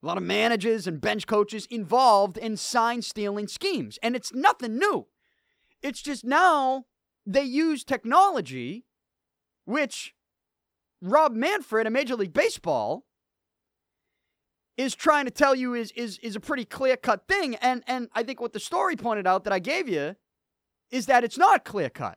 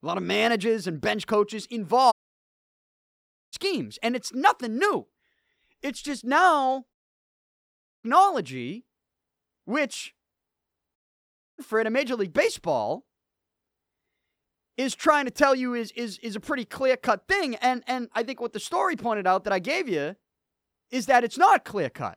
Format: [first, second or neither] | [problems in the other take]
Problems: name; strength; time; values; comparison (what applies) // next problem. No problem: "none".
first | audio cutting out; at 2 s for 1.5 s, at 7 s for 1 s and at 11 s for 0.5 s